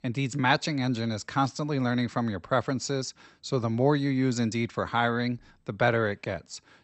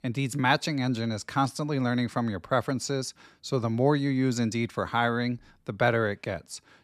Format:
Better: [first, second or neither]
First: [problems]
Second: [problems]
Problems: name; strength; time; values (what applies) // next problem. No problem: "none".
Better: second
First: garbled, watery; slightly; nothing above 8 kHz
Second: none